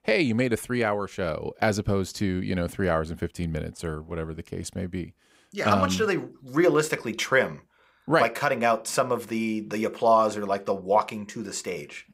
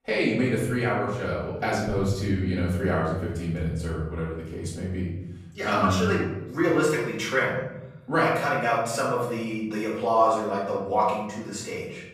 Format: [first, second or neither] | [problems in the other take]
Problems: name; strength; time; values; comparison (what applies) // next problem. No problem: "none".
first | off-mic speech; far // room echo; noticeable; dies away in 1.3 s